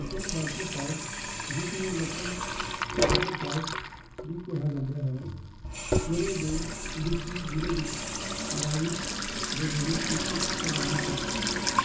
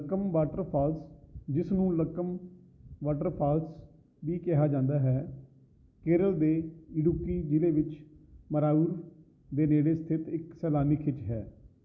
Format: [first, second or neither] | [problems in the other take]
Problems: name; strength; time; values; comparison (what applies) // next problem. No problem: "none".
second | background sound (Sink (filling or washing) / Water tap, faucet); 2 dB above the speech // room echo; dies away in 0.6 s